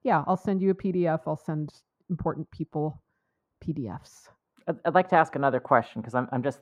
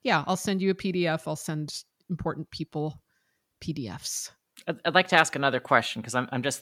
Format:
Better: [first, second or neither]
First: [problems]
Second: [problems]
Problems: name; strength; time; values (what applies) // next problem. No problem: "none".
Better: second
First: muffled; very; fading above 2 kHz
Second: none